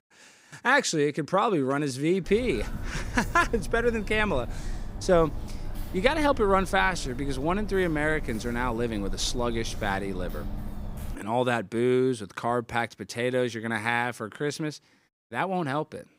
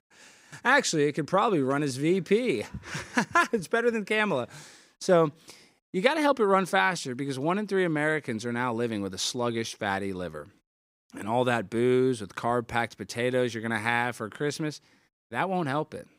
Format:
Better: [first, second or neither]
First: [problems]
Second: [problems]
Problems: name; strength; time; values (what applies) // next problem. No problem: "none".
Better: second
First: footsteps; faint; from 2.5 to 11 s; peak 10 dB below the speech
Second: none